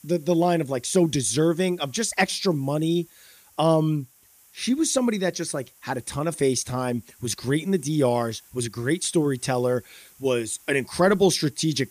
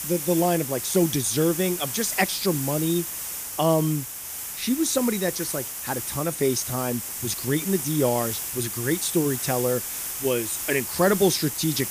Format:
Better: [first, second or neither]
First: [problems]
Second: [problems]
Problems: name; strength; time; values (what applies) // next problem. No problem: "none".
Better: first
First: hiss; faint; throughout; 25 dB below the speech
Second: hiss; loud; throughout; 4 dB below the speech